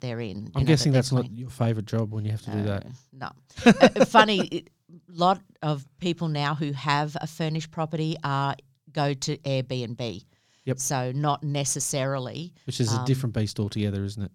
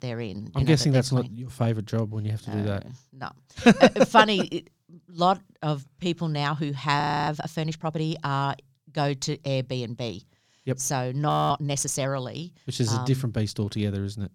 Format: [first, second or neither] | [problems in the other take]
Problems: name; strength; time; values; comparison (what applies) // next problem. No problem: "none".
first | audio freezing; at 7 s and at 11 s